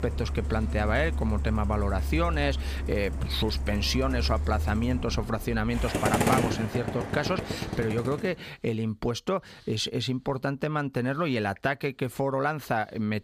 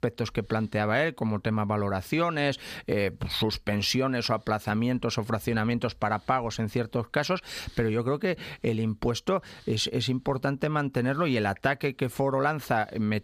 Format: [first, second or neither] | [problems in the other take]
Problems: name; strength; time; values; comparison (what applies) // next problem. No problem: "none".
second | traffic noise; loud; until 8 s; 2 dB below the speech